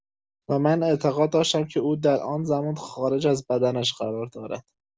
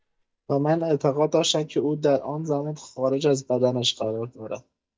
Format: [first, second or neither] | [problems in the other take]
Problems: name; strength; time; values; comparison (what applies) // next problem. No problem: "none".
first | noise reduction (neural mask model DeepFilterNet 3)